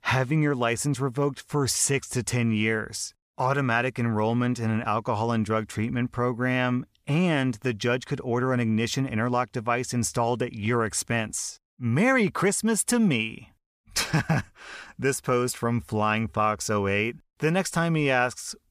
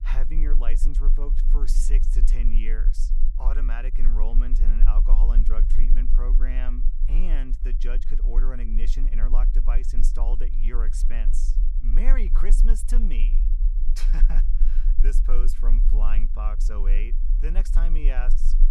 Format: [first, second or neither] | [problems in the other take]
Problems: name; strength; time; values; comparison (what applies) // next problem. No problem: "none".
first | low rumble; loud; throughout; 10 dB below the speech